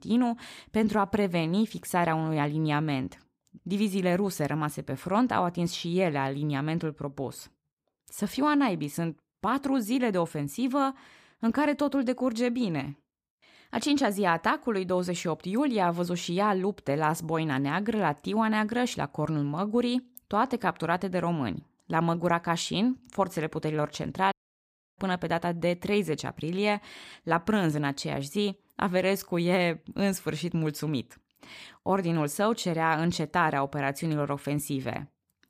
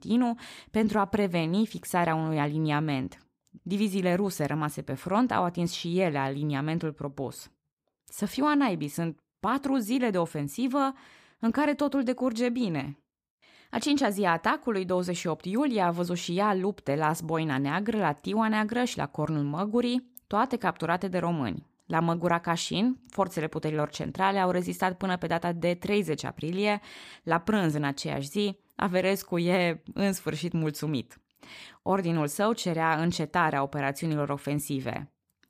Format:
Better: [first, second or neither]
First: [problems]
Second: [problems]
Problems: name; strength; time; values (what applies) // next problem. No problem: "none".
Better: second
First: audio cutting out; at 24 s for 0.5 s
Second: none